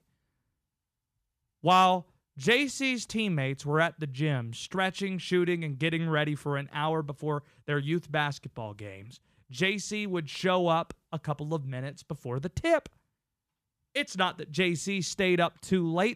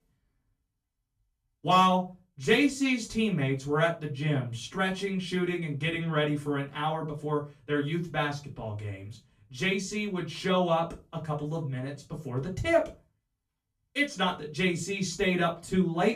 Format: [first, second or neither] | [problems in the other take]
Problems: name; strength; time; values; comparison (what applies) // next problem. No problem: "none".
first | off-mic speech; far // room echo; very slight; dies away in 0.2 s